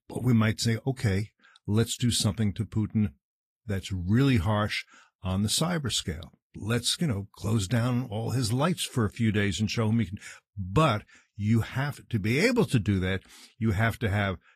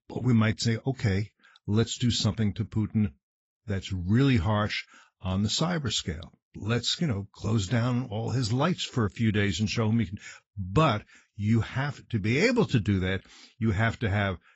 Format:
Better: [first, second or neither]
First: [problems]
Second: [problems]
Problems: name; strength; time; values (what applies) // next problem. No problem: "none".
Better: first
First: garbled, watery; slightly; nothing above 14.5 kHz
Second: garbled, watery; badly; nothing above 7.5 kHz